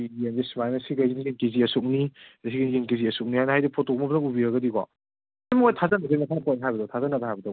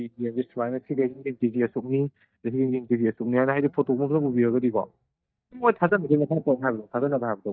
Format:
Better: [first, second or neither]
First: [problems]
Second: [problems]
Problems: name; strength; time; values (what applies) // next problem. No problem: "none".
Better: first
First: none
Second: noise reduction (neural mask model DeepFilterNet 3)